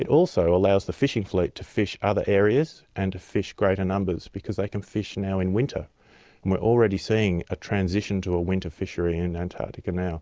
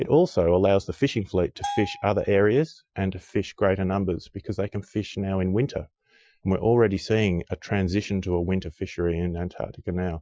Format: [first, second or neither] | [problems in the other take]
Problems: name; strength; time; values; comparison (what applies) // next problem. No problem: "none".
first | noise reduction (classical method Wiener filter)